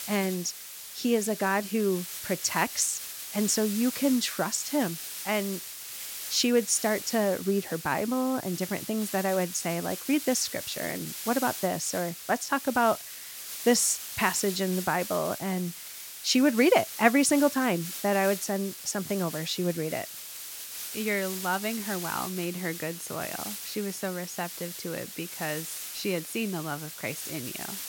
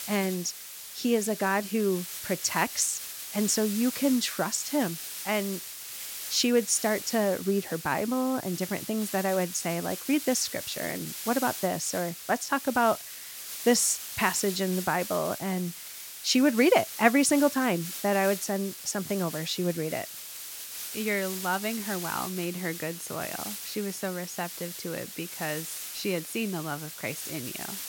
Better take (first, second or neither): neither